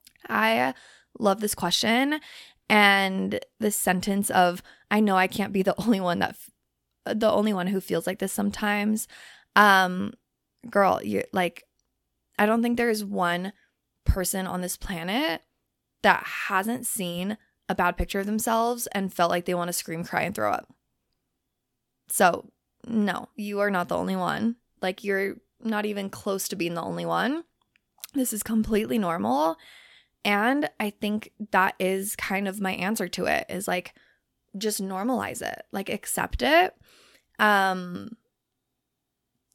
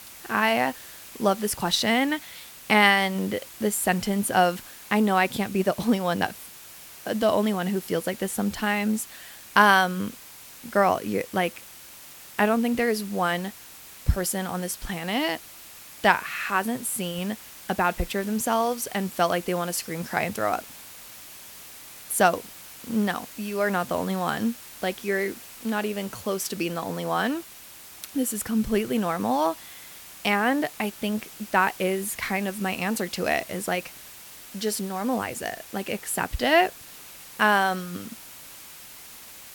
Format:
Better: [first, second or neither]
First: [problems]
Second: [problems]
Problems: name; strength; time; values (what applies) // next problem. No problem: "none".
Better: first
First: none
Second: hiss; noticeable; throughout; 15 dB below the speech